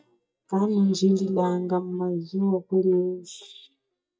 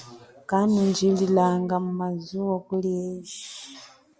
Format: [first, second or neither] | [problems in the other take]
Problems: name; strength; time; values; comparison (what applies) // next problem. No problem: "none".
second | noise reduction (neural mask model DeepFilterNet 3)